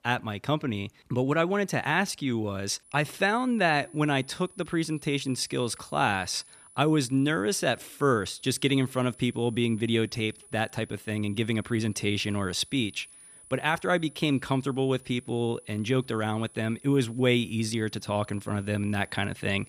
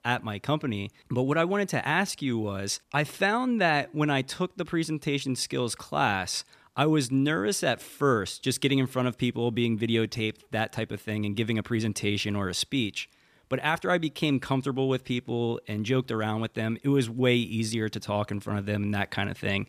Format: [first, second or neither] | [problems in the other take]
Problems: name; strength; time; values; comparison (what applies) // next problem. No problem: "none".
second | high-pitched whine; faint; from 3 s on; 10 kHz, 25 dB below the speech